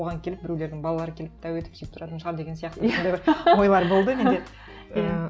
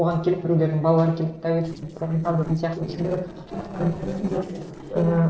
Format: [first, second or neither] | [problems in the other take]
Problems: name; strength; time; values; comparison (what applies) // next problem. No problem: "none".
first | noise reduction (neural separator model SepFormer DNS4)